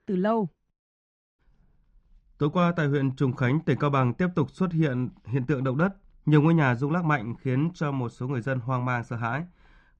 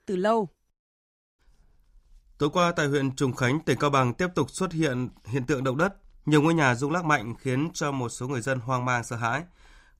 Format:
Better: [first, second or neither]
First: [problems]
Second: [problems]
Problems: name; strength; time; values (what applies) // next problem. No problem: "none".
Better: second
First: muffled; slightly; fading above 3 kHz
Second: none